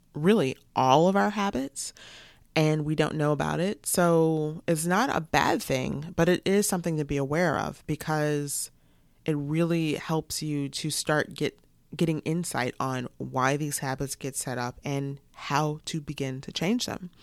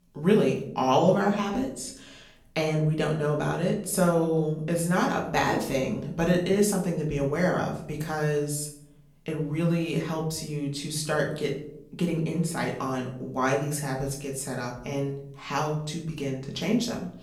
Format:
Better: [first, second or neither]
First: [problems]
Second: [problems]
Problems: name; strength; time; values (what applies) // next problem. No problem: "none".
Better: first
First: none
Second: room echo; slight; dies away in 0.6 s // off-mic speech; far